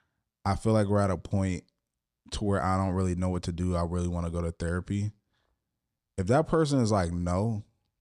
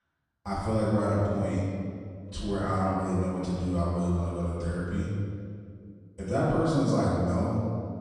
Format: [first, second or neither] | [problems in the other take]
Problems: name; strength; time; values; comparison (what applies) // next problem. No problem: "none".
first | off-mic speech; far // room echo; strong; dies away in 2 s